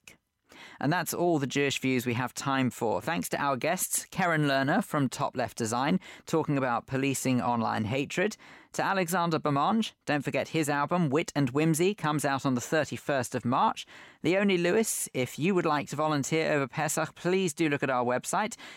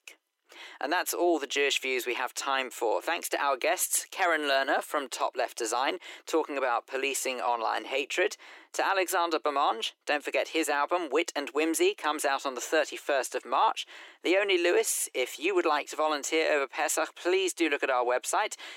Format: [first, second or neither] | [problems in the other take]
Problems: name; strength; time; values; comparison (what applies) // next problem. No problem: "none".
first | thin; very; fading below 350 Hz